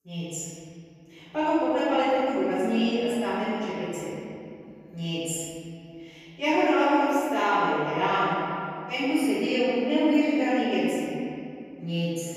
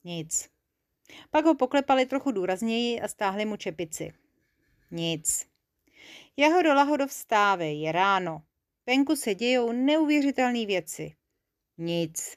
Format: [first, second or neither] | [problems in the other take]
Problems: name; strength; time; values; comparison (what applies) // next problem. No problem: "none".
second | off-mic speech; far // room echo; strong; dies away in 2.6 s